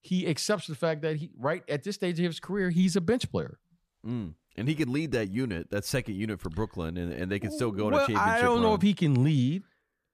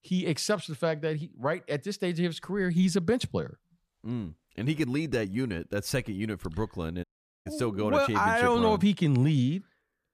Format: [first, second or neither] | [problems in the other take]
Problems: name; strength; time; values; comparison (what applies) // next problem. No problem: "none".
first | audio cutting out; at 7 s